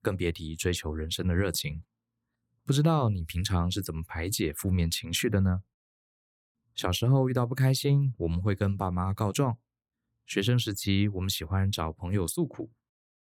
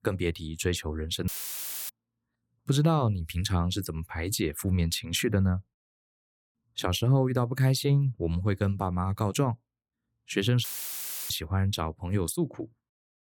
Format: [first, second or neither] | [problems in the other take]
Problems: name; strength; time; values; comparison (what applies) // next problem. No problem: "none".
first | audio cutting out; filled with static; at 1.5 s for 0.5 s and at 11 s for 0.5 s